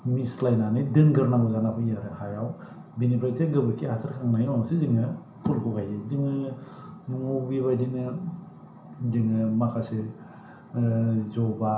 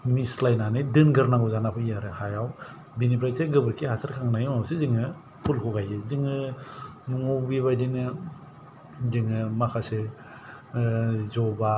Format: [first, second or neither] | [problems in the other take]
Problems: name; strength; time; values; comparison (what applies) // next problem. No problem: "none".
second | room echo; dies away in 0.5 s